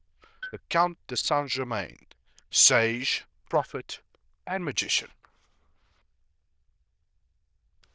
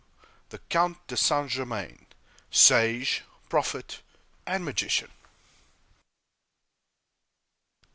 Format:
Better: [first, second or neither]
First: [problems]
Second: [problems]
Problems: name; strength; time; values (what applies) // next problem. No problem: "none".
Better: second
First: noise reduction (neural diffusion model UNIVERSE++)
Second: none